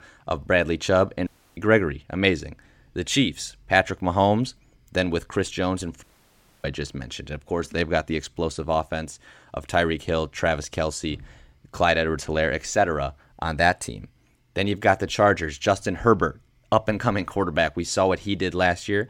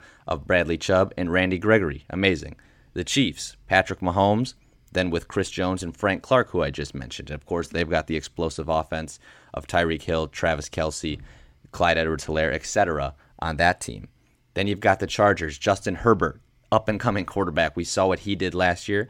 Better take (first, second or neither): second